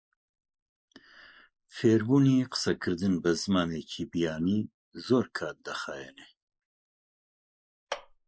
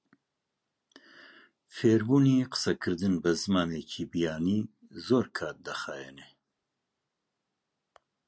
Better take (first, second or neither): second